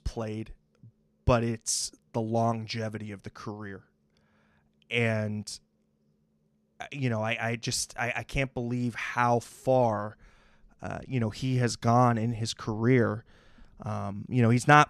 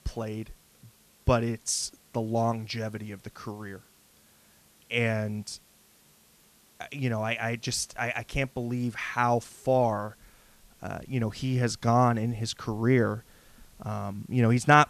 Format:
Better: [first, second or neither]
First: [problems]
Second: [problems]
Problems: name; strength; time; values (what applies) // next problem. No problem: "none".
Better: first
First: none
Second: hiss; faint; throughout; 30 dB below the speech